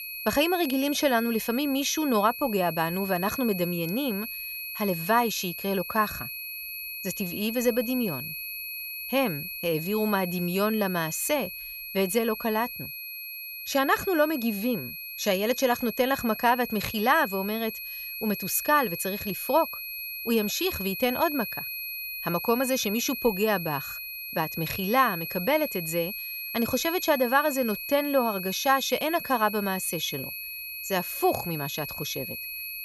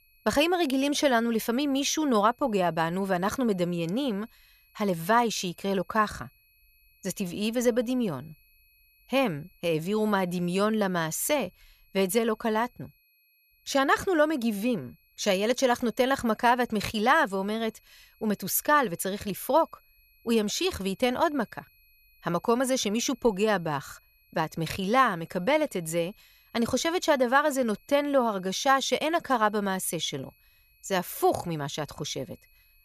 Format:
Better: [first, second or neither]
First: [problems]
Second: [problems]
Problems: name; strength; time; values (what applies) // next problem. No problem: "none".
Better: second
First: high-pitched whine; loud; throughout; 2.5 kHz, 7 dB below the speech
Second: high-pitched whine; faint; throughout; 2.5 kHz, 35 dB below the speech